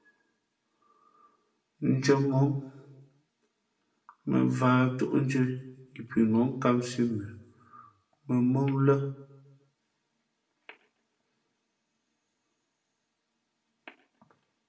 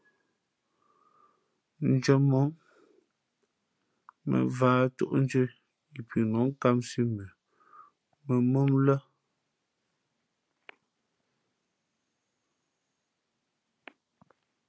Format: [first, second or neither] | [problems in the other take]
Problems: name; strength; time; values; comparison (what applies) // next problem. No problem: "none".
second | room echo; dies away in 0.6 s